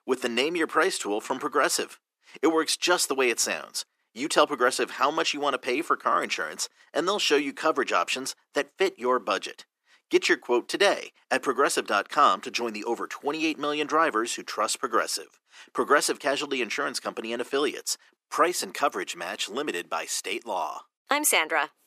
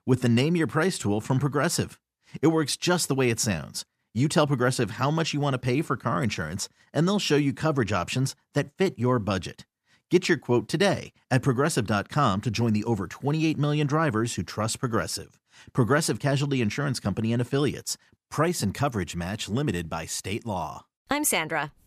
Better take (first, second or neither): second